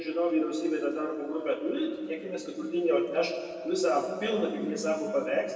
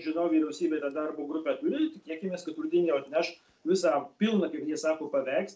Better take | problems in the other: second | room echo; dies away in 2 s

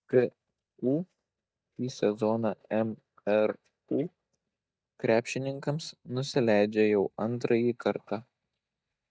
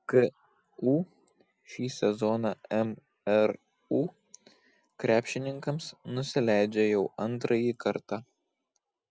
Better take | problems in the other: second | noise reduction (neural mask model DeepFilterNet 3)

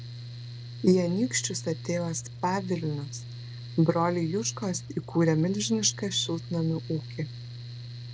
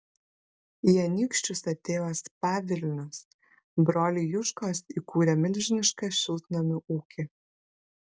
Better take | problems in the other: second | background sound (Mechanical fan); 11 dB below the speech

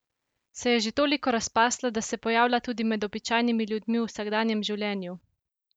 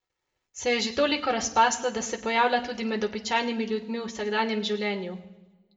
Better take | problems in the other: first | room echo; dies away in 0.7 s

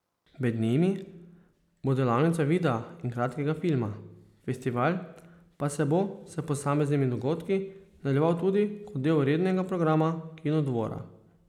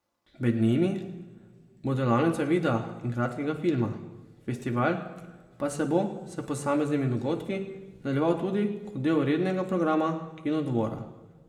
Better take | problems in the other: first | room echo; dies away in 1.2 s

